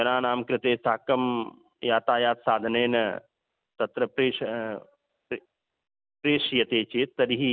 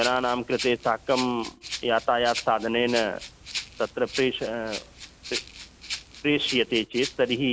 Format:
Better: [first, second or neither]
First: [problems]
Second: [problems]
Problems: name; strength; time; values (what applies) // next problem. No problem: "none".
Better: first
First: none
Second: background sound (Rattle (instrument)); 11 dB below the speech